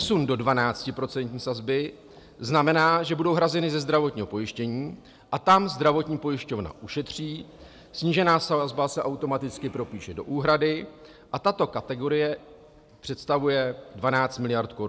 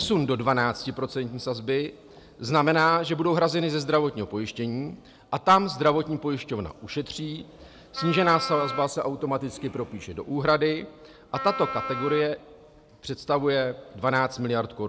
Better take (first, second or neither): first